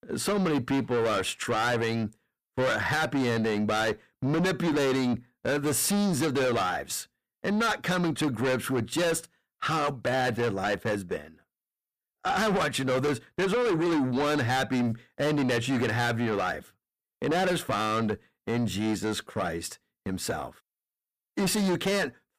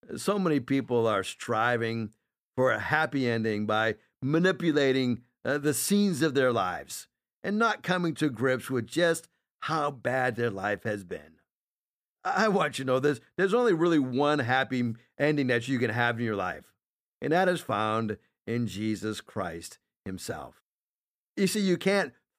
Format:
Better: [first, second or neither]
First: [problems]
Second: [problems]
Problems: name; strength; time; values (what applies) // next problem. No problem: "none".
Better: second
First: distortion; heavy; 6 dB below the speech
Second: none